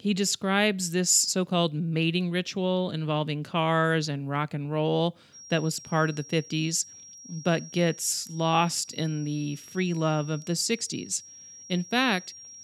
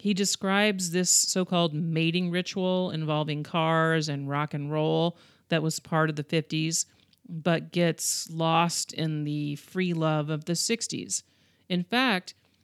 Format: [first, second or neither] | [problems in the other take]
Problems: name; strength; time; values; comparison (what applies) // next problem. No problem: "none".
second | high-pitched whine; noticeable; from 5.5 s on; 5.5 kHz, 20 dB below the speech